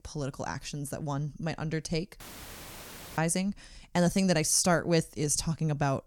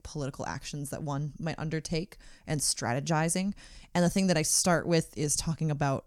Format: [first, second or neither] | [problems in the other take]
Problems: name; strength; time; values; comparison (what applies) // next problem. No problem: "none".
second | audio cutting out; filled with static; at 2 s for 1 s